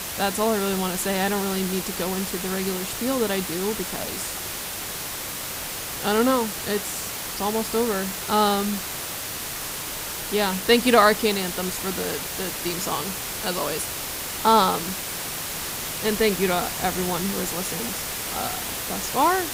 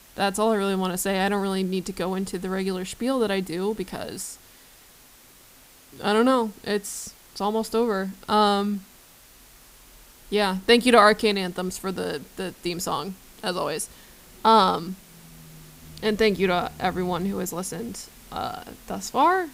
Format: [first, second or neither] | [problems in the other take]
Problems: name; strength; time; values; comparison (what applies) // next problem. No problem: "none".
second | hiss; loud; throughout; 4 dB below the speech; faint in the second